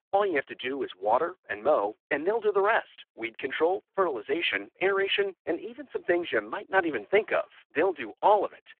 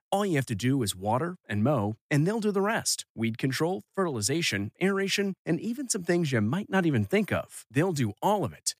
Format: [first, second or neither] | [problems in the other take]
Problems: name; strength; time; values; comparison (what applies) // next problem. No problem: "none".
second | phone-call audio; poor line